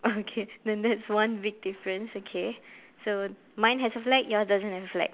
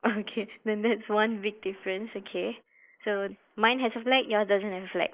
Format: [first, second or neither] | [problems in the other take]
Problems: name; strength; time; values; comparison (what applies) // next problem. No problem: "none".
first | noise reduction (neural mask model Resemble Enhance denoiser)